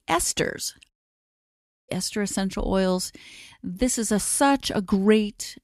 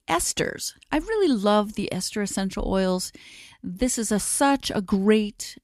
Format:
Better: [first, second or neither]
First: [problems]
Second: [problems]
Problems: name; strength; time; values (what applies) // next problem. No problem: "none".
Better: second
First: audio cutting out; at 1 s for 1 s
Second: none